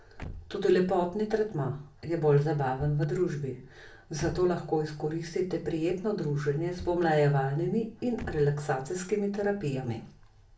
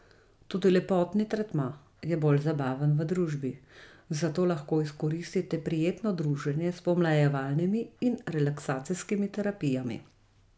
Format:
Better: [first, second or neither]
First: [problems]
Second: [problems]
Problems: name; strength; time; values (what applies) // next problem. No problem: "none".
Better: second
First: background sound (Slam / Car); 20 dB below the speech // room echo; dies away in 0.3 s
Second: none